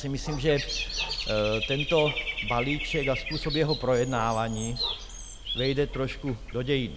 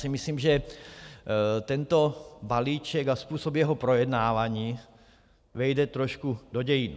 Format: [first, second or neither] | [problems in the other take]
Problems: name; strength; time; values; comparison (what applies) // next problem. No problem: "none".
second | background sound (Bird / Dog); 5 dB below the speech